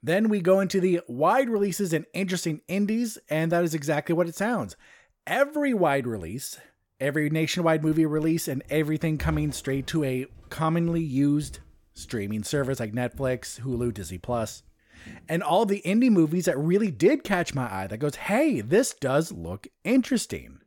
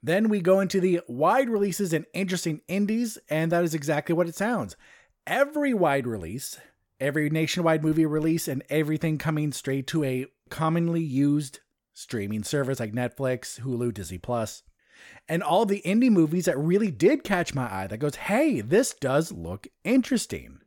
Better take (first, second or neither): second